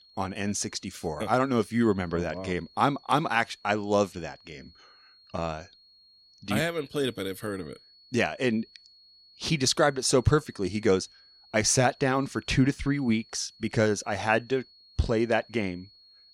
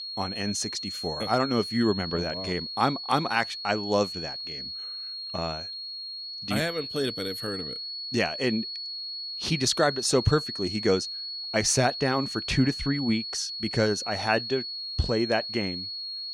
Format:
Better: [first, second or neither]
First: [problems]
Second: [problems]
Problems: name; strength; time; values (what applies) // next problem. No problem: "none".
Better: first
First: high-pitched whine; faint; throughout; 4.5 kHz, 25 dB below the speech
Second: high-pitched whine; loud; throughout; 4.5 kHz, 5 dB below the speech